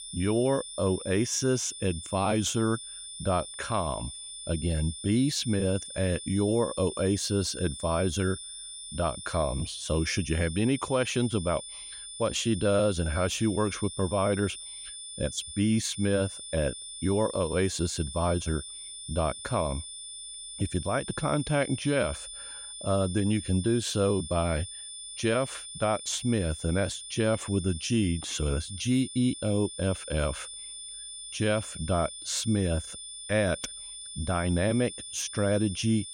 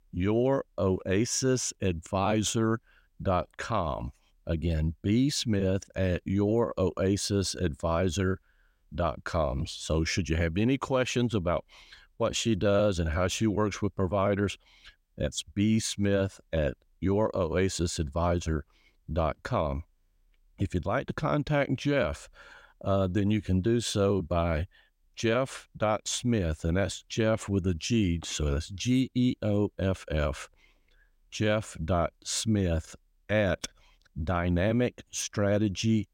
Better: second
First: high-pitched whine; loud; throughout; 9 kHz, 10 dB below the speech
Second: none

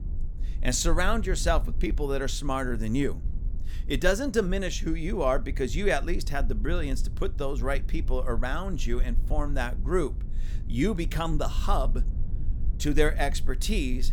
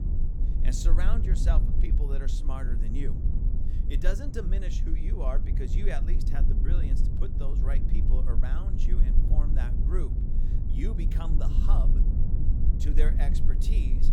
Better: first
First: low rumble; faint; throughout; 20 dB below the speech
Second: low rumble; loud; throughout; 4 dB below the speech

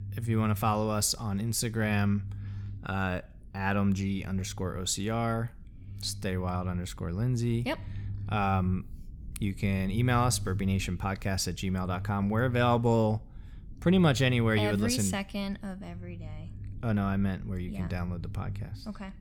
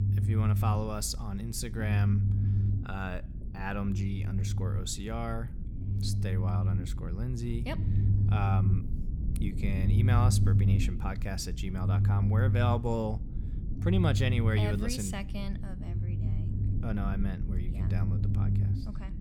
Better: first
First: low rumble; faint; throughout; 25 dB below the speech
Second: low rumble; loud; throughout; 6 dB below the speech

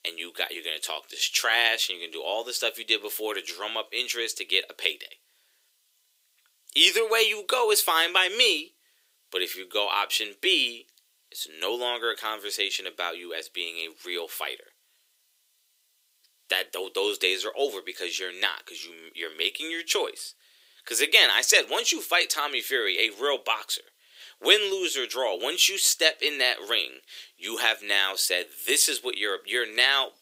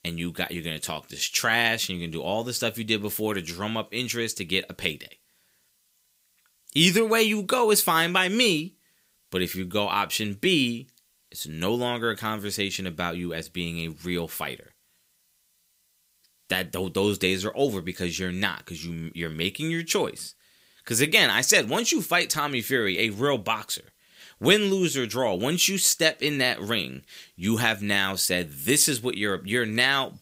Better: second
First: thin; very; fading below 350 Hz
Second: none

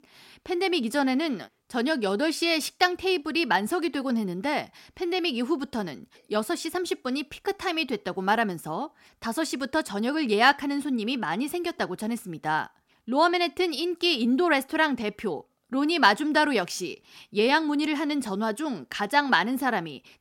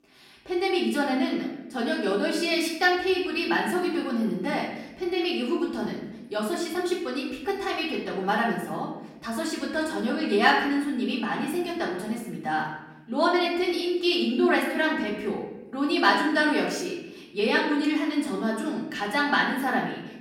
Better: first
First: none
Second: off-mic speech; far // room echo; noticeable; dies away in 0.8 s

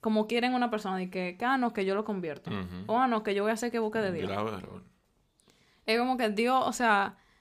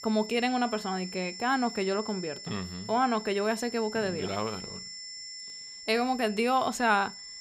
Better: first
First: none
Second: high-pitched whine; noticeable; throughout; 5.5 kHz, 10 dB below the speech

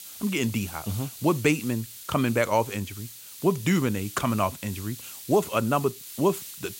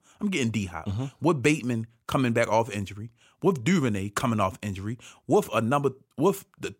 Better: second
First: hiss; noticeable; throughout; 15 dB below the speech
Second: none

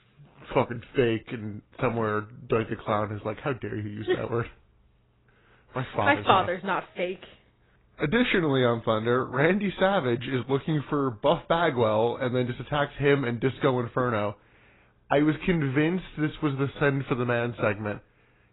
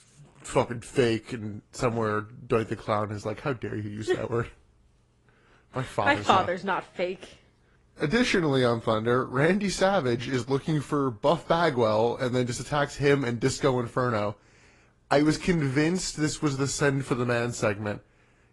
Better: second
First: garbled, watery; badly; nothing above 4 kHz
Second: garbled, watery; slightly; nothing above 10.5 kHz

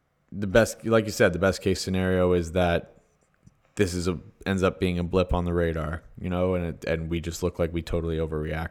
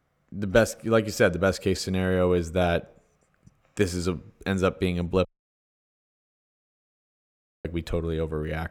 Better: first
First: none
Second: audio cutting out; at 5.5 s for 2.5 s

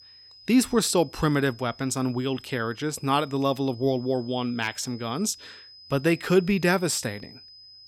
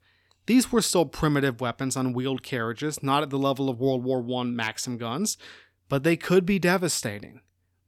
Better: second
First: high-pitched whine; faint; throughout; 5 kHz, 20 dB below the speech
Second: none

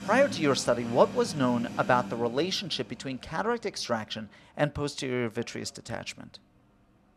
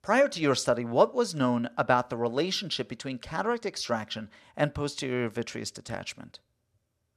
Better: second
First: train or aircraft noise; noticeable; throughout; 10 dB below the speech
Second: none

